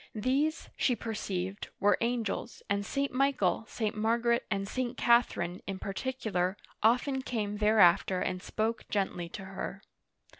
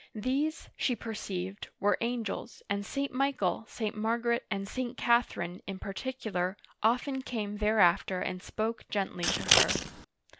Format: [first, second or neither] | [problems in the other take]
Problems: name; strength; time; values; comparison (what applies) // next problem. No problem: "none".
first | background sound (Scissors); 4 dB above the speech